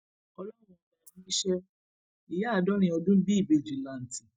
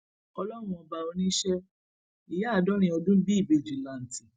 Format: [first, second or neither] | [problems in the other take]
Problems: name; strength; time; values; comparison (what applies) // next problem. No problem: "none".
second | noise reduction (neural mask model DeepFilterNet 3)